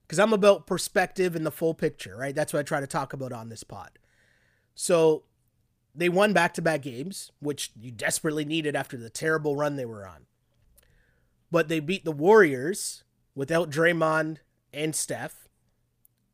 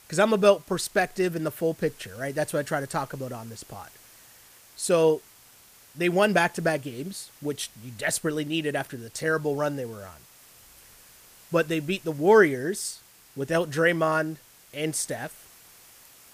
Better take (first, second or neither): first